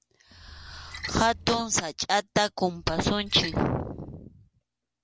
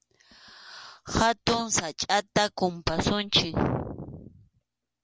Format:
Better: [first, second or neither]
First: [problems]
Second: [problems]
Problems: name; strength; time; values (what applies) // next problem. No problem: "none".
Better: second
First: background sound (Splash, splatter); 15 dB below the speech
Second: none